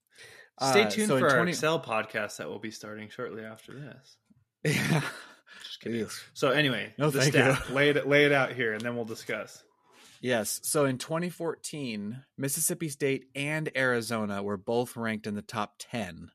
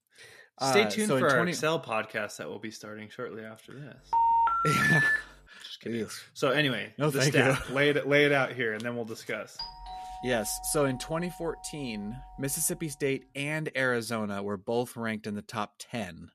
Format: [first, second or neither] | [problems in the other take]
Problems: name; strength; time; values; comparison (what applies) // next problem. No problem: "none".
first | phone ringing; loud; from 4 to 5 s; peak 6 dB above the speech // doorbell; faint; from 9.5 to 13 s; peak 10 dB below the speech